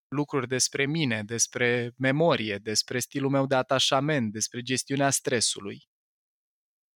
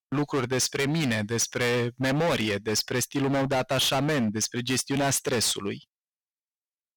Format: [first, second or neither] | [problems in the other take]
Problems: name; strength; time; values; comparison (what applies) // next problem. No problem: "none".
first | distortion; heavy; 23% of the sound clipped